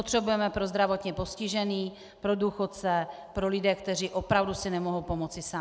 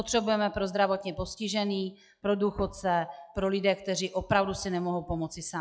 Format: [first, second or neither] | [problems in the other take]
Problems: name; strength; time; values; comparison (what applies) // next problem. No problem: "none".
first | noise reduction (classical method log-MMSE)